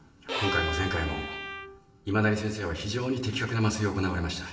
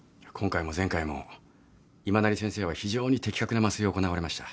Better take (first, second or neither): second